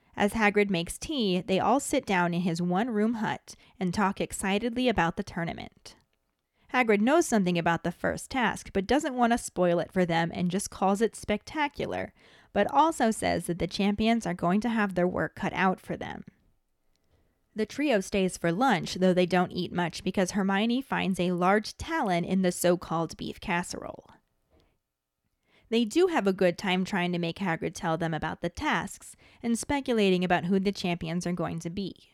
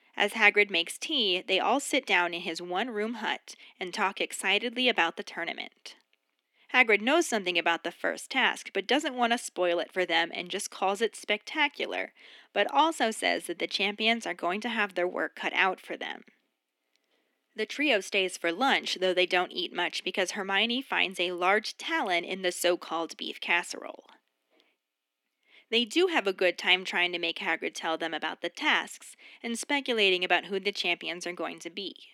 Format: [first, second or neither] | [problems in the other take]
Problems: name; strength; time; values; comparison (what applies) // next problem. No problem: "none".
first | thin; somewhat; fading below 250 Hz